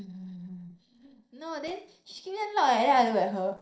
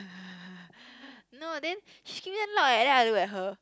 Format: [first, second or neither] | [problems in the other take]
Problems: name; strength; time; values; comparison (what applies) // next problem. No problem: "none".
second | noise reduction (neural separator model SepFormer DNS4)